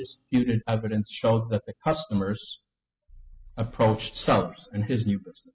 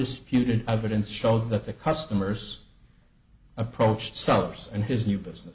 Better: second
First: noise reduction (classical method spectral subtraction)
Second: none

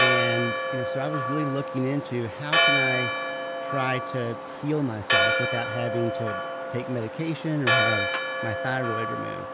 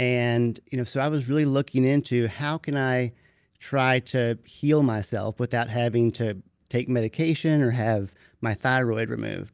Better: second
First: background sound (Church bell); 3 dB above the speech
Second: none

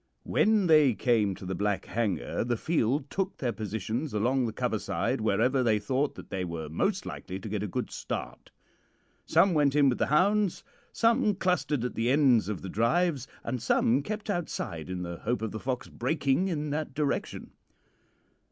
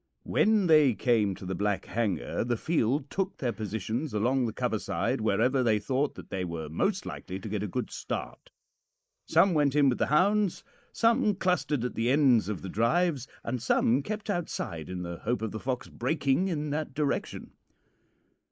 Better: first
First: none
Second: noise reduction (neural mask model Resemble Enhance denoiser)

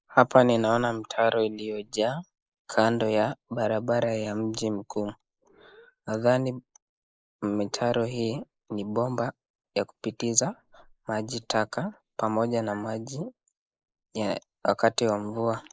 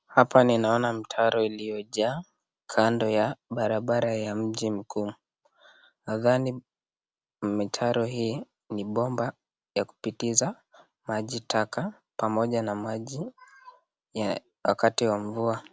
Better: second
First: noise reduction (neural mask model Resemble Enhance denoiser)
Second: none

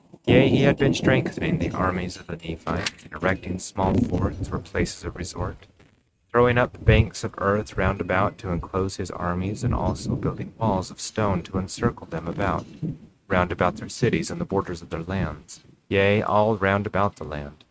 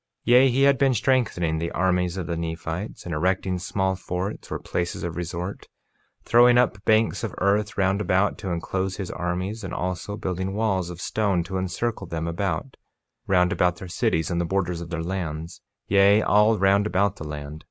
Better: second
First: noise reduction (neural mask model RNNoise)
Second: none

